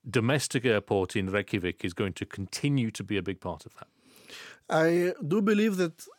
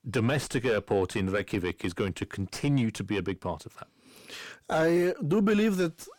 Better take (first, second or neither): first